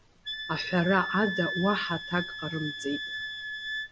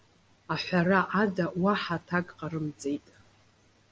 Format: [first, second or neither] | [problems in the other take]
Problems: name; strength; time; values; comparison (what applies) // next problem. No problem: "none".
second | background sound (Wind instrument, woodwind instrument); 6 dB below the speech